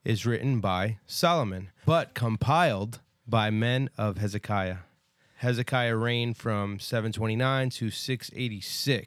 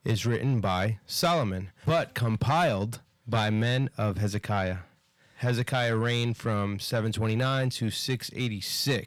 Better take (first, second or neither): first